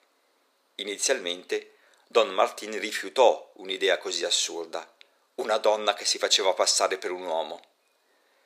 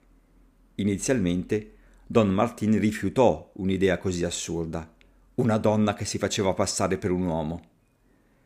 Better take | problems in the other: second | thin; very; fading below 450 Hz

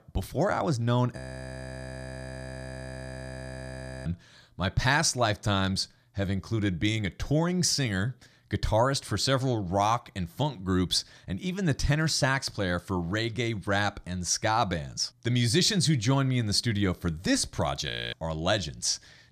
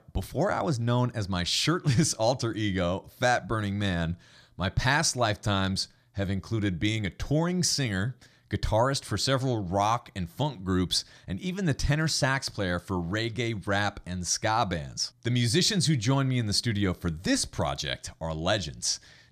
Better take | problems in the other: second | audio freezing; at 1 s for 3 s and at 18 s

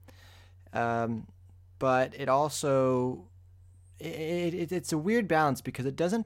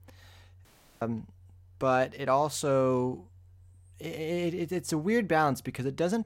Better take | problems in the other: first | audio cutting out; at 0.5 s

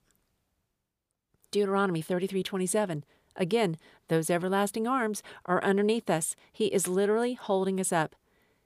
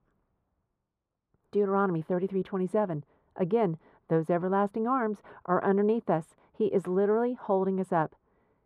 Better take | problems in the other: first | muffled; very; fading above 2.5 kHz

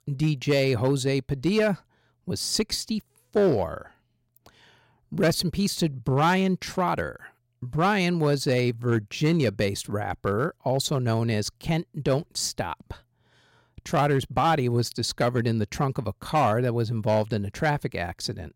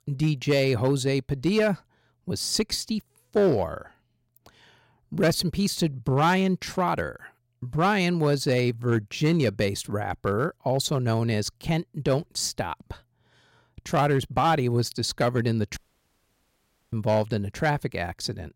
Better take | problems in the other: first | audio cutting out; at 16 s for 1 s

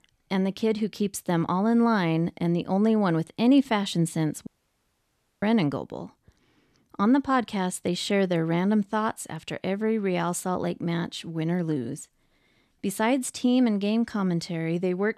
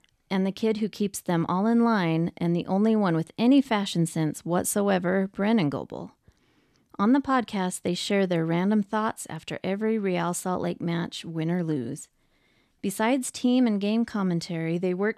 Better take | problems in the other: second | audio cutting out; at 4.5 s for 1 s

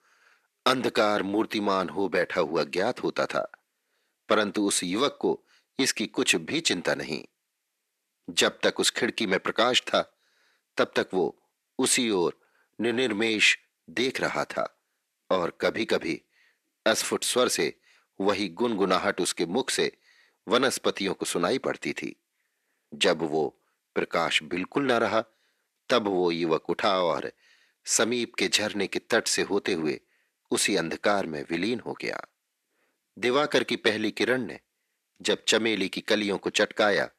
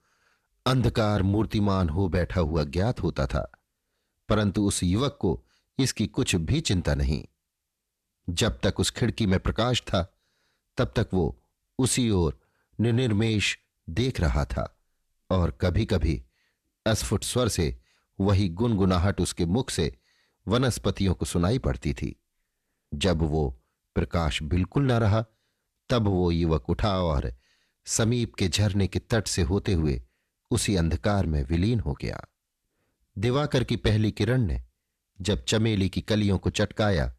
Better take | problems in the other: second | thin; somewhat; fading below 300 Hz

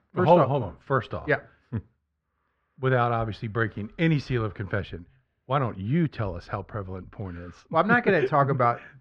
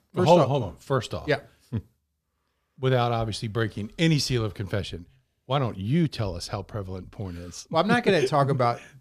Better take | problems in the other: second | muffled; very; fading above 2 kHz

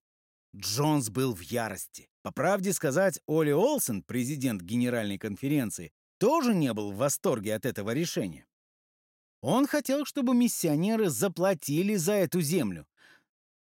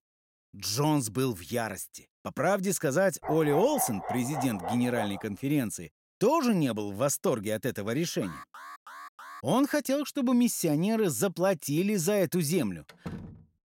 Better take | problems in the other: first | dog barking; noticeable; from 3 to 5 s; peak 6 dB below the speech // alarm; faint; from 8 to 9.5 s; peak 15 dB below the speech // door banging; faint; at 13 s; peak 15 dB below the speech

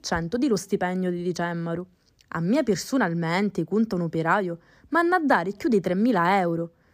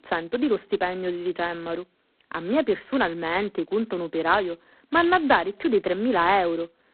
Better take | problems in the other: first | phone-call audio; poor line; nothing above 4 kHz

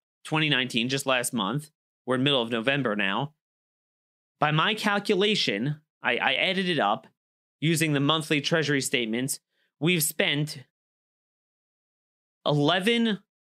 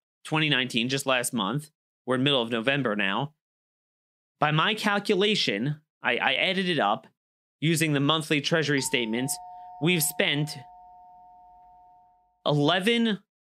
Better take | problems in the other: first | doorbell; faint; from 9 to 12 s; peak 20 dB below the speech

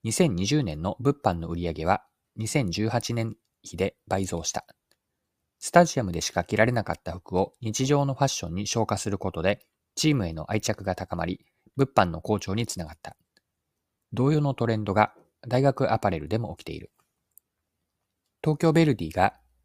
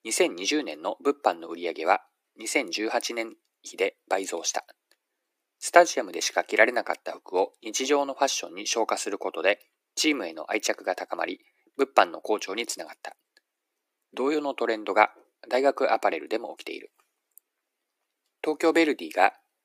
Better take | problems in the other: first | thin; somewhat; fading below 300 Hz

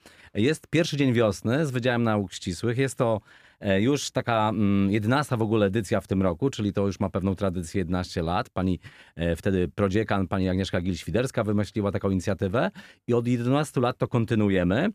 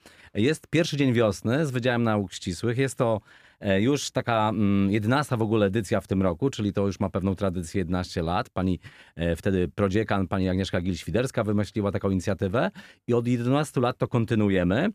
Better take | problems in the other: neither | none

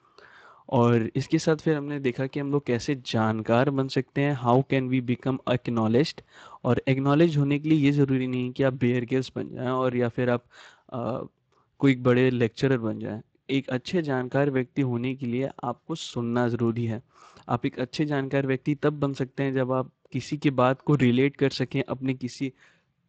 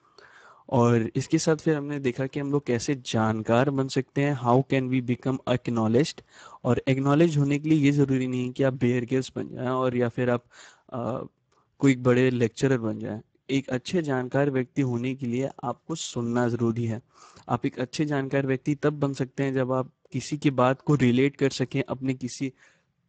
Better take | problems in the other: first | garbled, watery; badly; nothing above 8 kHz; slightly in the first

